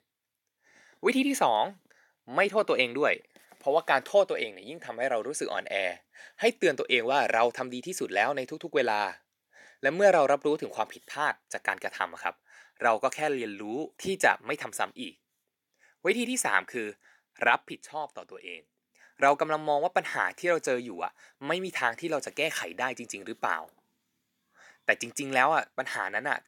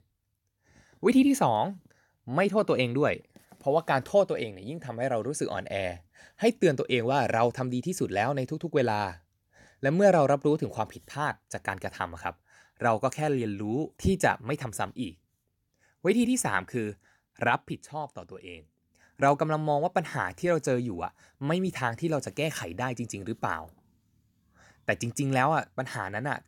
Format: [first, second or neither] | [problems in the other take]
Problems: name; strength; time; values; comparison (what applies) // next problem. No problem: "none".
second | thin; somewhat; fading below 350 Hz